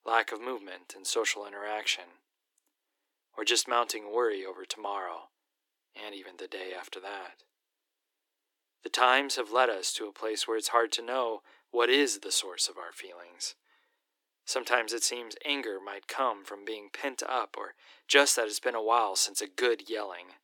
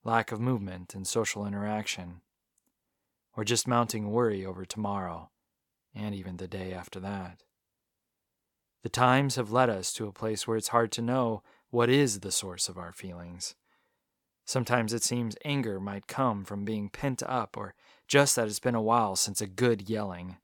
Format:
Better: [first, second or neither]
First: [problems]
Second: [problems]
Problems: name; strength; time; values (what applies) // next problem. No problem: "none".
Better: second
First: thin; somewhat; fading below 300 Hz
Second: none